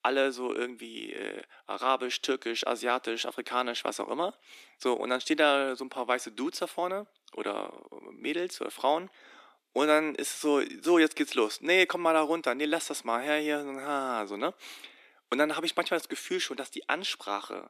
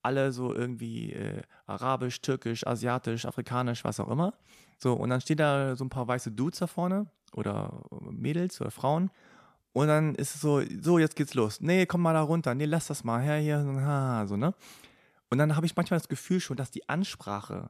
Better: second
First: thin; somewhat; fading below 300 Hz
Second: none

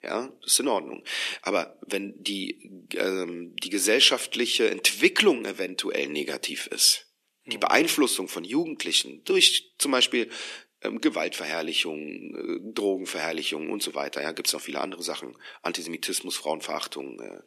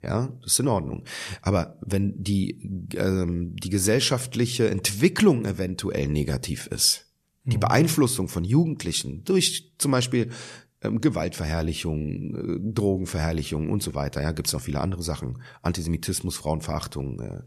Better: second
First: thin; somewhat; fading below 250 Hz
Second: none

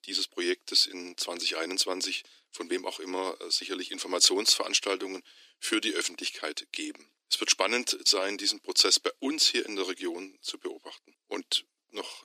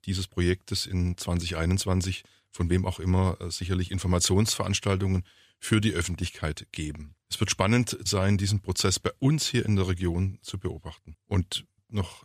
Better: second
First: thin; very; fading below 300 Hz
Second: none

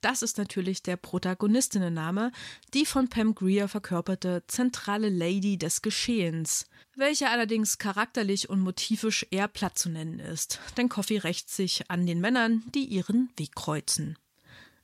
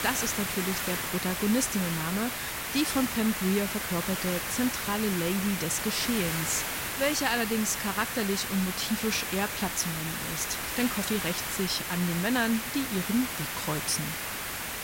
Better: first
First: none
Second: hiss; loud; throughout; 2 dB below the speech

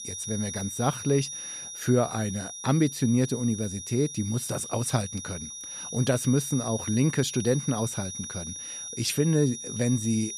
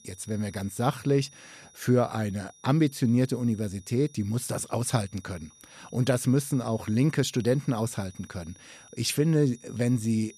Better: second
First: high-pitched whine; loud; throughout; 6 kHz, 8 dB below the speech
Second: high-pitched whine; faint; throughout; 6 kHz, 25 dB below the speech

